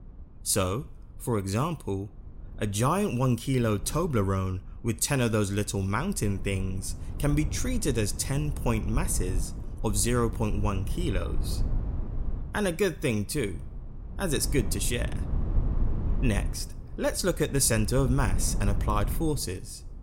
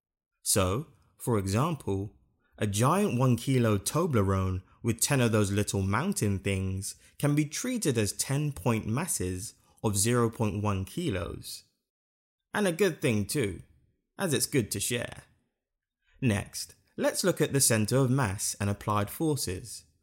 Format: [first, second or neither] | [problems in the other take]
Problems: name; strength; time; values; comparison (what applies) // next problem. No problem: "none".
second | low rumble; noticeable; throughout; 15 dB below the speech